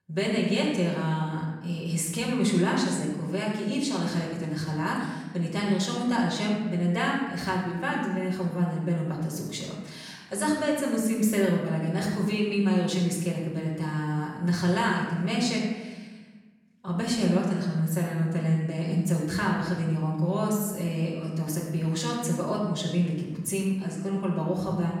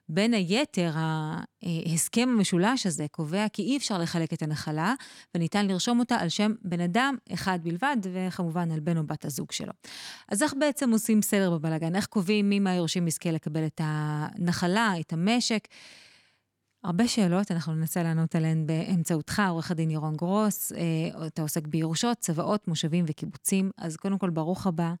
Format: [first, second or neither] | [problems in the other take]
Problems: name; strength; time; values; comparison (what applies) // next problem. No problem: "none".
second | off-mic speech; far // room echo; noticeable; dies away in 1.1 s